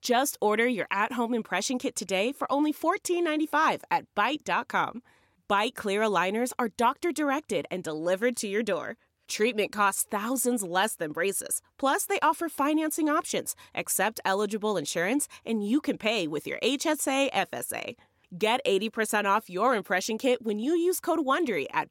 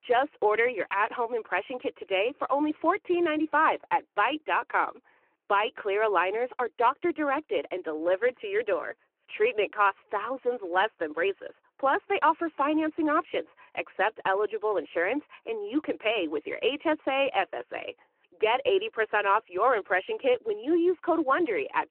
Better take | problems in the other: first | phone-call audio

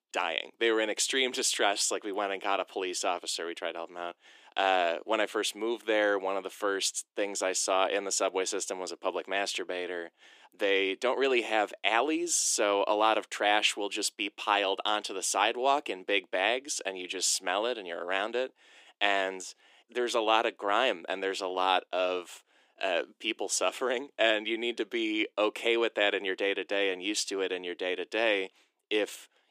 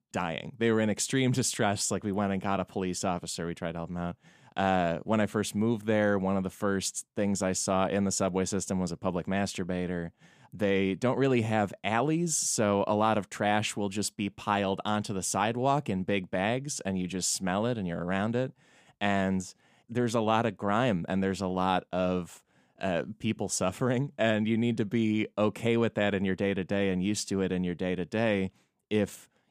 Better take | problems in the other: second | thin; very; fading below 300 Hz

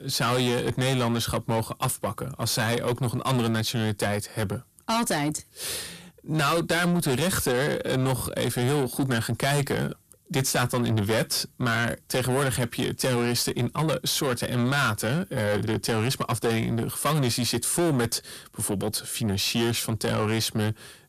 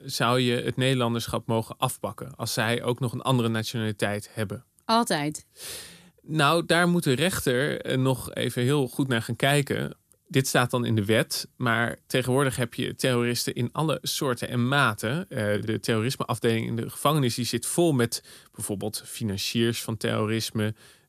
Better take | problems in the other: second | distortion; heavy; 7 dB below the speech

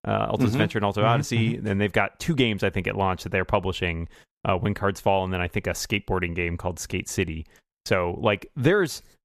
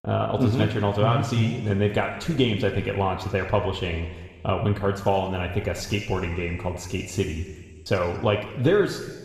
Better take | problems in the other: first | room echo; noticeable; dies away in 1.5 s // off-mic speech; somewhat distant

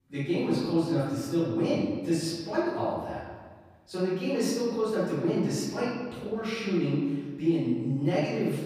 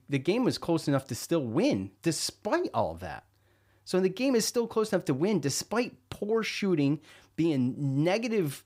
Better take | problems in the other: second | off-mic speech; far // room echo; strong; dies away in 1.4 s

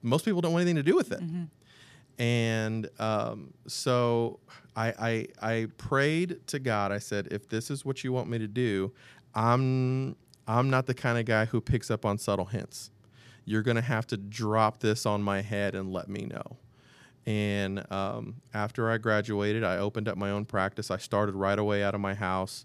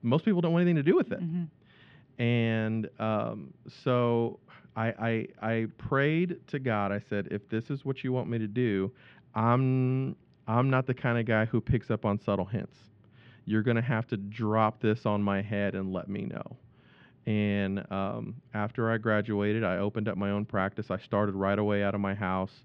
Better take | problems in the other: first | muffled; very; fading above 3 kHz

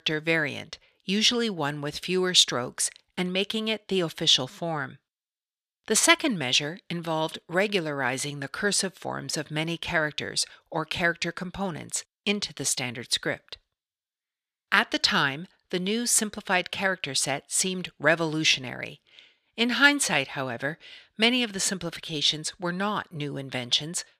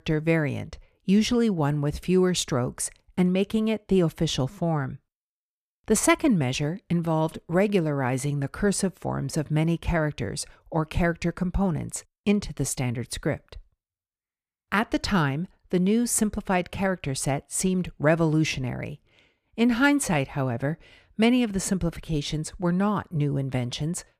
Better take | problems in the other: second | thin; somewhat; fading below 400 Hz

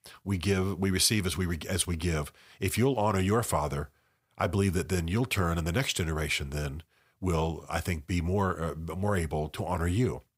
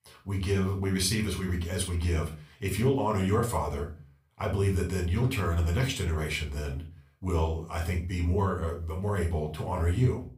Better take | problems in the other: first | room echo; slight; dies away in 0.3 s // off-mic speech; far

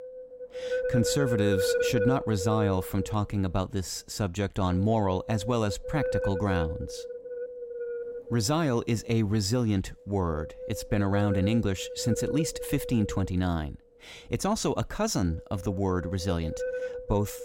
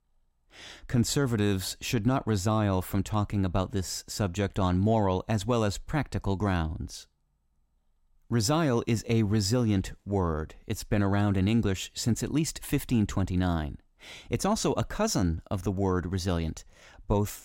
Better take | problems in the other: second | wind noise on the microphone; heavy; 2 dB below the speech

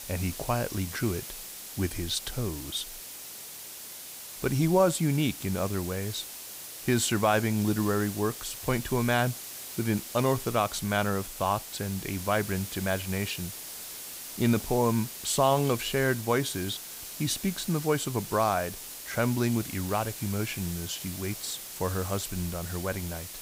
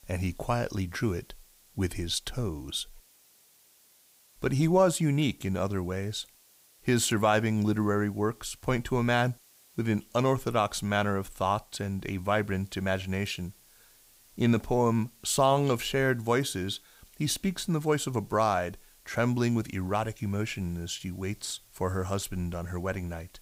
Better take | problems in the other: second | hiss; loud; throughout; 9 dB below the speech; faint in the second

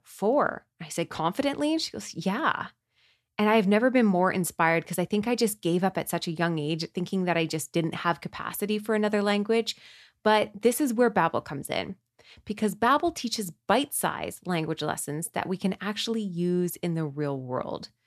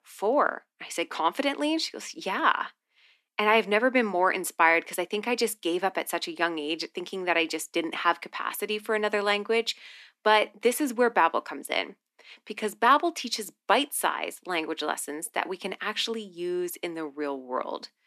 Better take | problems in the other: first | thin; somewhat; fading below 250 Hz

